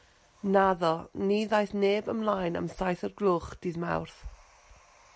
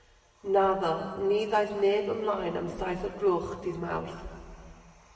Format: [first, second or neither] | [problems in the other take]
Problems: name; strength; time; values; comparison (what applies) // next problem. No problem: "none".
first | room echo; dies away in 2 s